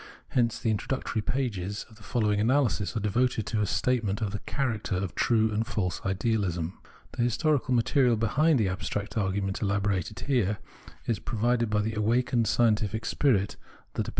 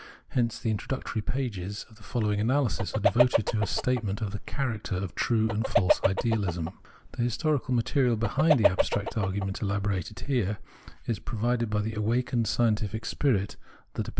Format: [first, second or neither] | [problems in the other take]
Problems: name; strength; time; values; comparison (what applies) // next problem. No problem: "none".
first | background sound (Chicken, rooster); 3 dB below the speech